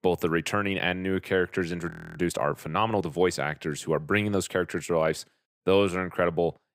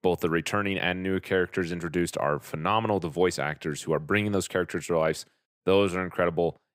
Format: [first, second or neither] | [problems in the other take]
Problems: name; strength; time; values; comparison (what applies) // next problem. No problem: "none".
second | audio freezing; at 2 s